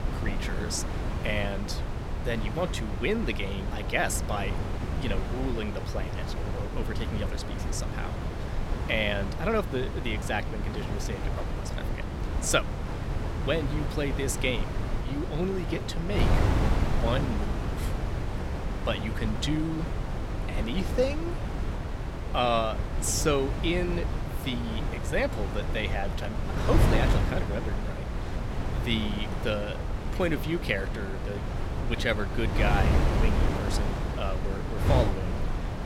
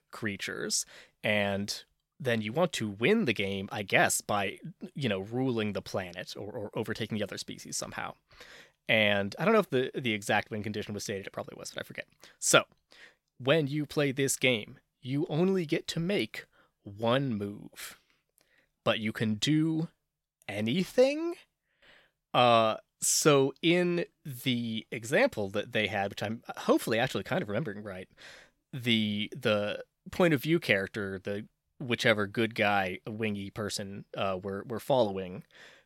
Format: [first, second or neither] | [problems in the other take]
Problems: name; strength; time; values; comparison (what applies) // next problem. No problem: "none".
second | wind noise on the microphone; heavy; 5 dB below the speech